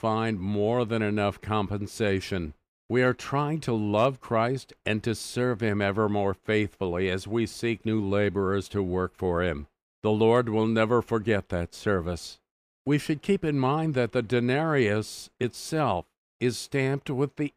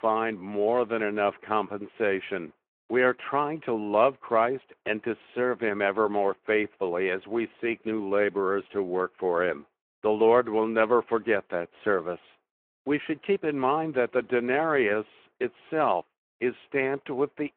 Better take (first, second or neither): first